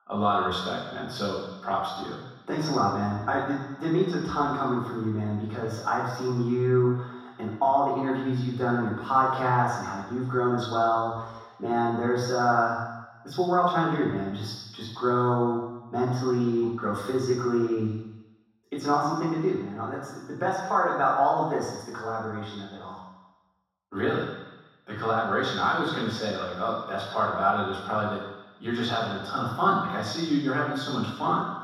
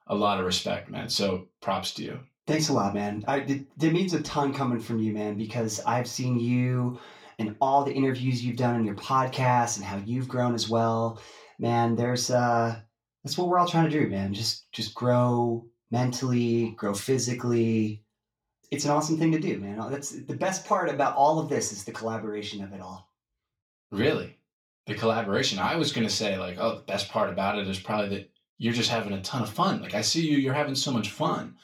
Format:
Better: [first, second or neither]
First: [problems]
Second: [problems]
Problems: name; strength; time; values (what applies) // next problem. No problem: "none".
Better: second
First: room echo; strong; dies away in 1.2 s // off-mic speech; far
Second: room echo; slight; dies away in 0.2 s // off-mic speech; far